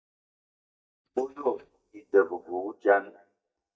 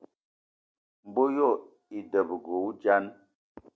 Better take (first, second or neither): second